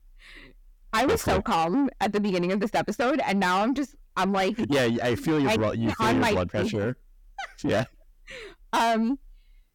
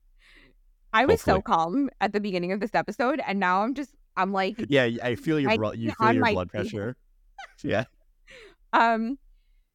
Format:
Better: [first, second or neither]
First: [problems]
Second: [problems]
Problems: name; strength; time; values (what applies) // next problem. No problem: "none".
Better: second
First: distortion; heavy; 6 dB below the speech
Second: none